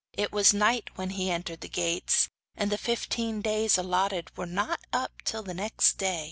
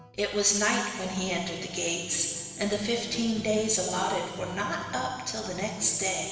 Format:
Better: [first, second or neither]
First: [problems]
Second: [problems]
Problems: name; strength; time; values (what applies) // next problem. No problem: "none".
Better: first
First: none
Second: background sound (Acoustic guitar); 16 dB below the speech // room echo; dies away in 1.6 s